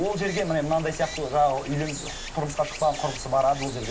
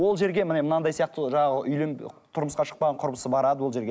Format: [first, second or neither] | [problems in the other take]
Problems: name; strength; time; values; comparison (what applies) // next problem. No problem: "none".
second | background sound (Stream); 11 dB below the speech // room echo; dies away in 0.2 s